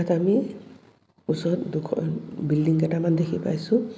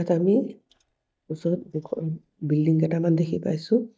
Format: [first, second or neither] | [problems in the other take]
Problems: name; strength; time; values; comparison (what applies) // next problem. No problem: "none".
first | noise reduction (neural mask model DeepFilterNet 3)